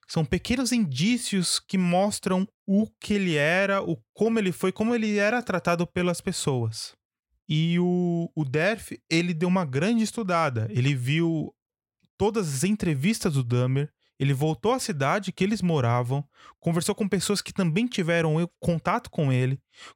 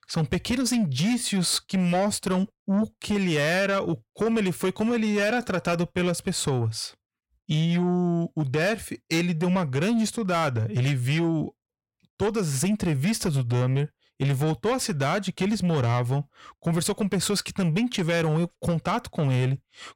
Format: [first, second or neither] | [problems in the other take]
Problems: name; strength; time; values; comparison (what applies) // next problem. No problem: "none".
first | distortion; slight; 10 dB below the speech